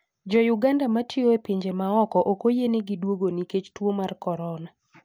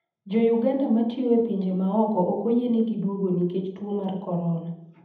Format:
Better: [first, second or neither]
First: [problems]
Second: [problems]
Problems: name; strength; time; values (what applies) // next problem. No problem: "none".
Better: first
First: none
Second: room echo; dies away in 0.8 s